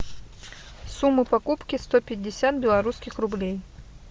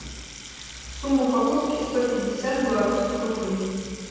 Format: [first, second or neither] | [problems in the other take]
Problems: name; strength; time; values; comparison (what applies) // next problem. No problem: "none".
first | background sound (Sink (filling or washing) / Water tap, faucet); 17 dB below the speech // room echo; dies away in 2 s